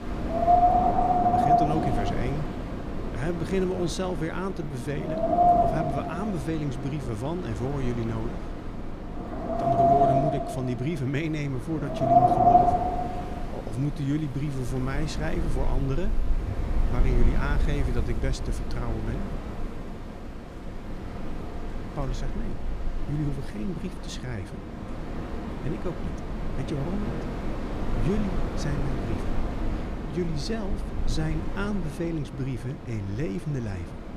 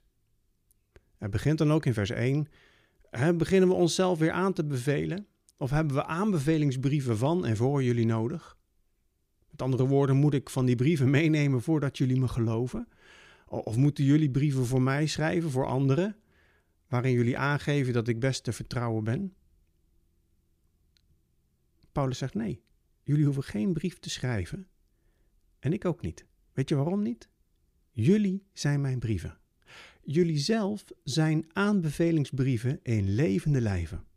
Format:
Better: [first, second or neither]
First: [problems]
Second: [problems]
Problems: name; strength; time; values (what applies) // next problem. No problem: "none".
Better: second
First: wind in the background; very loud; throughout; 4 dB above the speech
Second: none